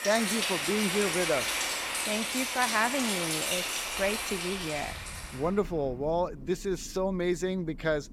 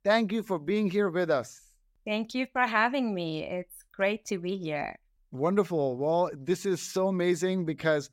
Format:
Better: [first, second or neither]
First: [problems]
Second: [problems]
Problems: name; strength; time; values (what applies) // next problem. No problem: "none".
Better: second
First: rain or running water; very loud; throughout; 1 dB above the speech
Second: none